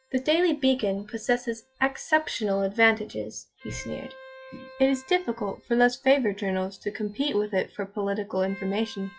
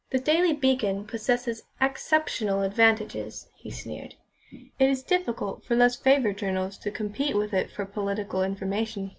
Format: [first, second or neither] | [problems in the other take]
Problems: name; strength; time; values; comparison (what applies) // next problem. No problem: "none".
second | noise reduction (classical method log-MMSE)